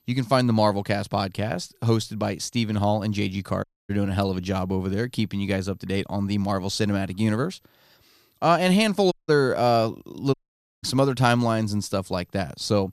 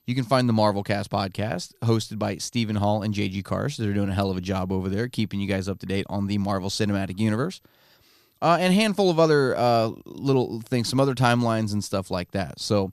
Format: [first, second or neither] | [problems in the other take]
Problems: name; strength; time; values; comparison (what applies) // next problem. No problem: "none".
second | audio cutting out; at 3.5 s, at 9 s and at 10 s